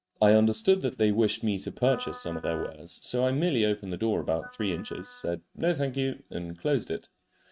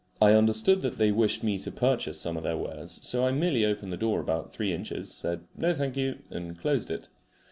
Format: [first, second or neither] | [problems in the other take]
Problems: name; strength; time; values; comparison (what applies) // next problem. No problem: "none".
second | noise reduction (neural mask model RNNoise)